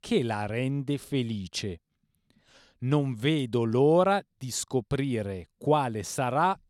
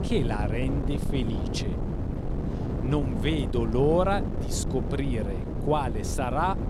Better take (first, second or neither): first